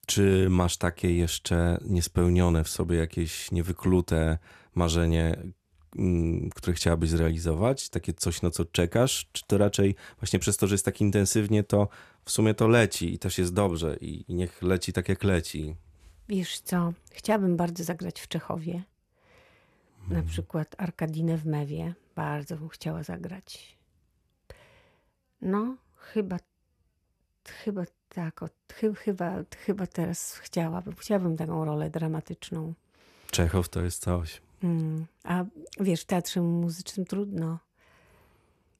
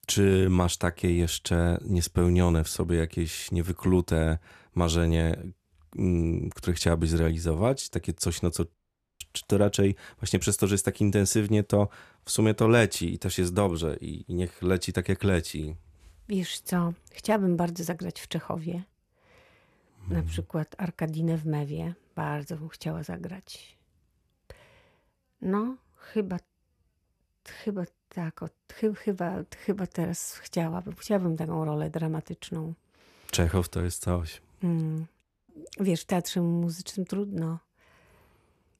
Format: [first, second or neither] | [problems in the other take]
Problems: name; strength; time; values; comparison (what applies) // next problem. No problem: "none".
first | audio cutting out; at 8.5 s and at 35 s